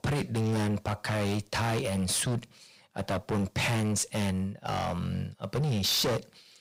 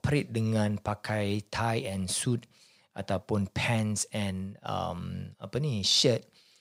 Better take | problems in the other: second | distortion; heavy; 23% of the sound clipped

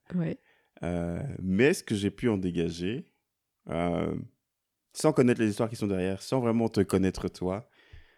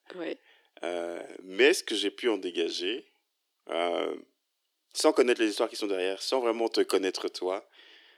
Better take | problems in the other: first | thin; very; fading below 300 Hz

